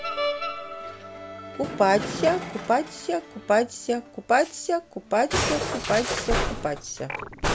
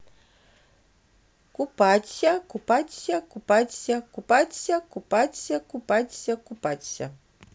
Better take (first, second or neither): second